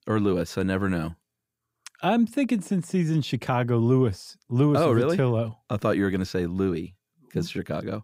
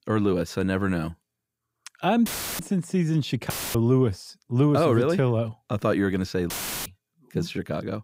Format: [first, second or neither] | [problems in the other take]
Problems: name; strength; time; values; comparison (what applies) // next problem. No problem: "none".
first | audio cutting out; filled with static; at 2.5 s, at 3.5 s and at 6.5 s